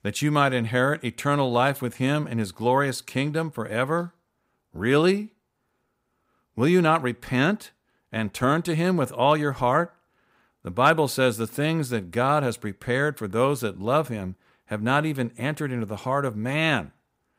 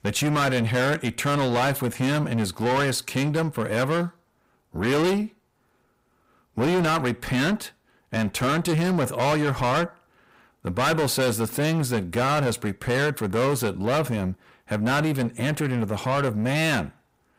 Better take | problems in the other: first | distortion; heavy; 6 dB below the speech

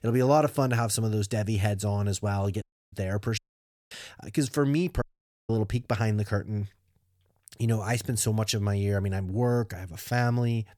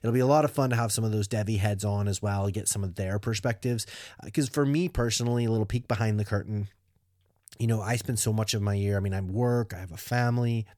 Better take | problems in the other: second | audio cutting out; at 2.5 s, at 3.5 s for 0.5 s and at 5 s

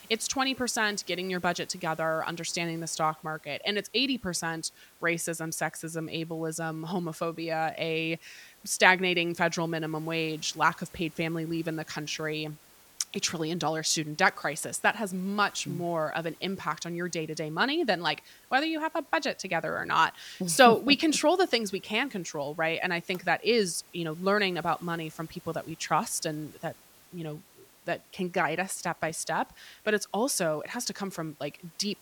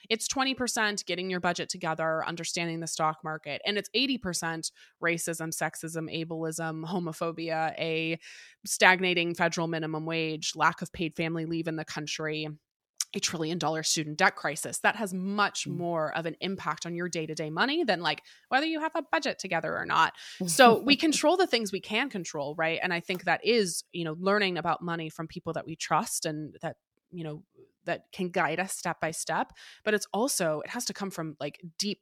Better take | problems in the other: second | hiss; faint; throughout; 25 dB below the speech

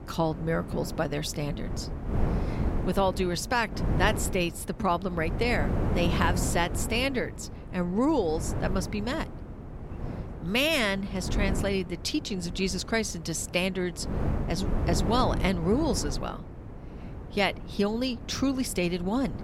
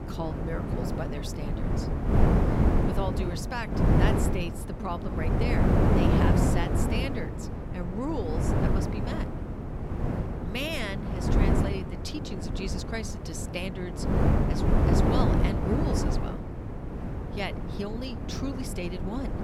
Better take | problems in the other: first | wind noise on the microphone; heavy; 3 dB above the speech; occasional gusts in the first

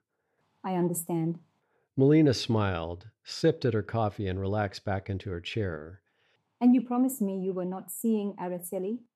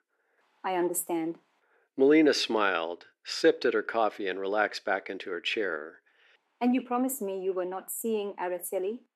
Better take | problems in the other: first | thin; somewhat; fading below 300 Hz

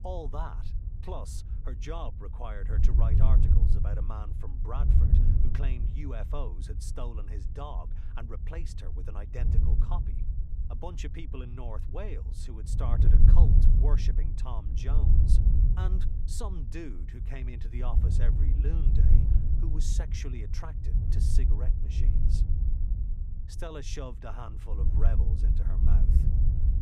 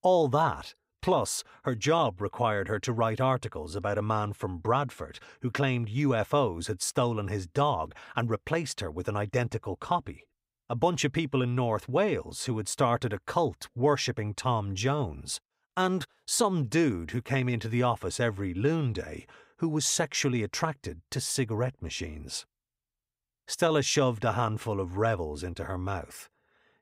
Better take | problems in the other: second | wind noise on the microphone; heavy; 2 dB below the speech

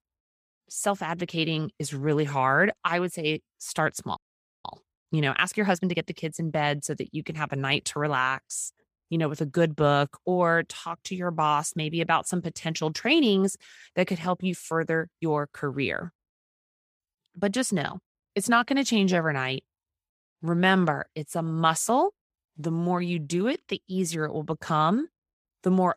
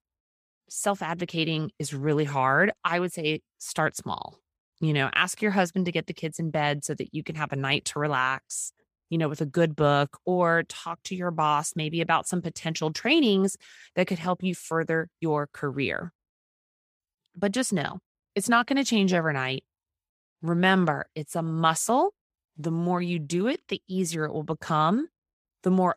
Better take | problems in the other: second | audio freezing; at 4 s

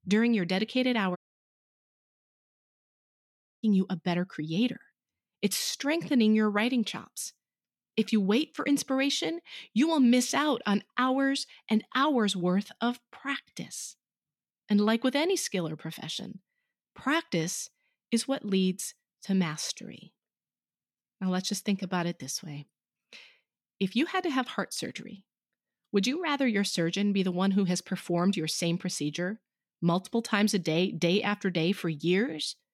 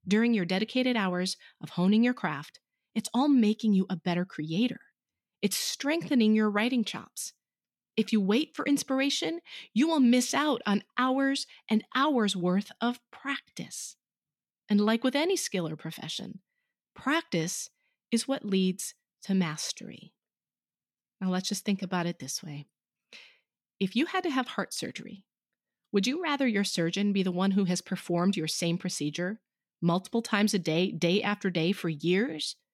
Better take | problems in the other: second | audio cutting out; at 1 s for 2.5 s

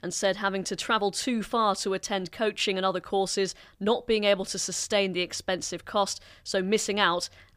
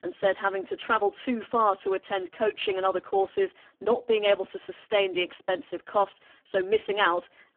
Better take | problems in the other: first | phone-call audio; poor line; nothing above 3 kHz

